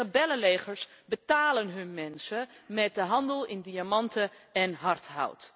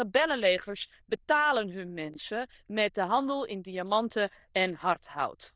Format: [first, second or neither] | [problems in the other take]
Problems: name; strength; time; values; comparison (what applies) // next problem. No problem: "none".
first | noise reduction (neural diffusion model UNIVERSE++)